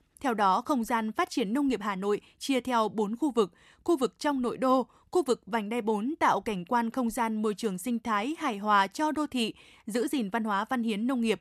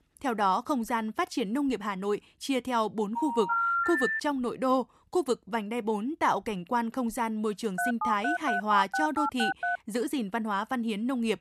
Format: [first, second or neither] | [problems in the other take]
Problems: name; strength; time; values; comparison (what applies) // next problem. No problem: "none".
first | phone ringing; loud; from 3 to 4 s and from 8 to 10 s; peak 4 dB above the speech